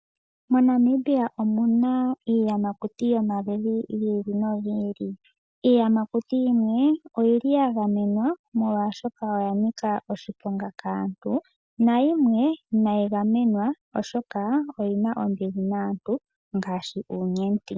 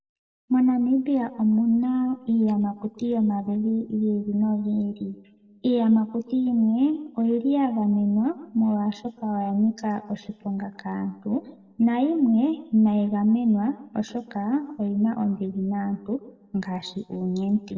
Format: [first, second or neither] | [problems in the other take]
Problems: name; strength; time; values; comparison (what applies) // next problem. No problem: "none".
first | room echo; dies away in 0.9 s